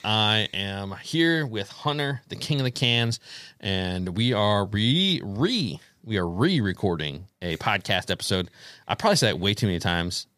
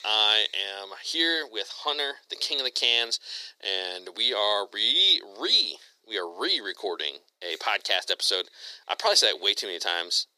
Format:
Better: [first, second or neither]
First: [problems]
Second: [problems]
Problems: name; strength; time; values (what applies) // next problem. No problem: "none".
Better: first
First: none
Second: thin; very; fading below 350 Hz